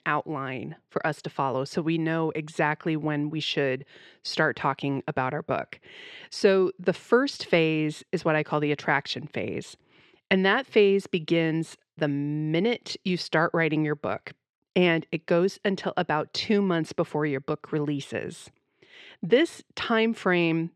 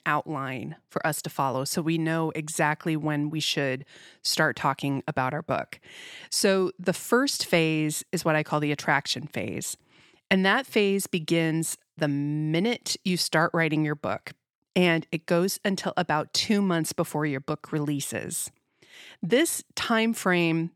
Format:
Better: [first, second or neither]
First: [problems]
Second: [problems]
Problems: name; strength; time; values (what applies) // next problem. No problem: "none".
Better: second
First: muffled; very slightly; fading above 3.5 kHz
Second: none